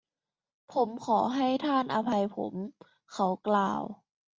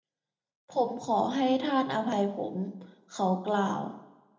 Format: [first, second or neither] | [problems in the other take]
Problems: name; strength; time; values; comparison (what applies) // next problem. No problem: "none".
first | room echo; dies away in 0.7 s